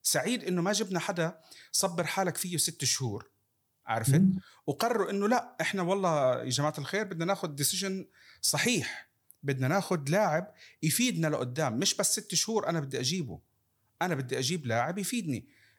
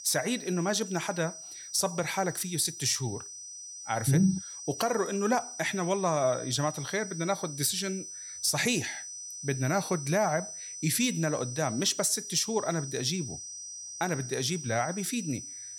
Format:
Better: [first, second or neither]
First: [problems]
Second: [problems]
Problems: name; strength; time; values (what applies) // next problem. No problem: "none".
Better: first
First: none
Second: high-pitched whine; loud; throughout; 6 kHz, 10 dB below the speech